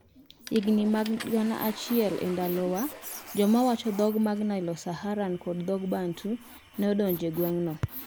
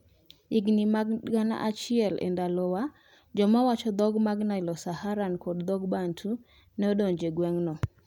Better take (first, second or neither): second